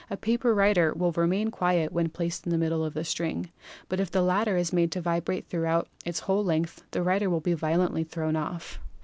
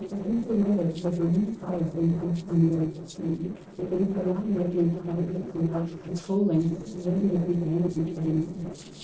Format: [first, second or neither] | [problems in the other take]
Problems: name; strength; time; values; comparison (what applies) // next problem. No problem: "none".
first | noise reduction (neural separator model SepFormer DNS4)